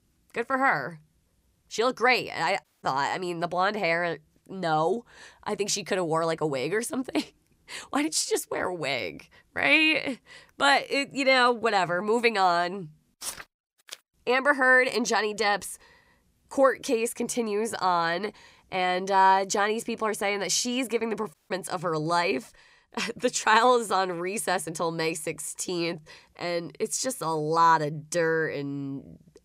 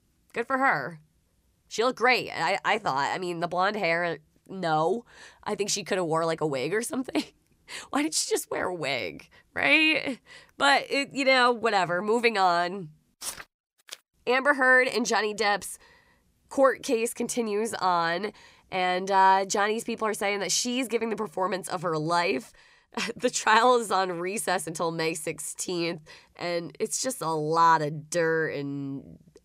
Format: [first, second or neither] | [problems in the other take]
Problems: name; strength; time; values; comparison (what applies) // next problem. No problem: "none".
second | audio cutting out; at 2.5 s and at 21 s